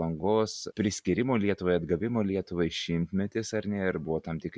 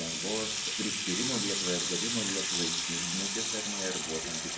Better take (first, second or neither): first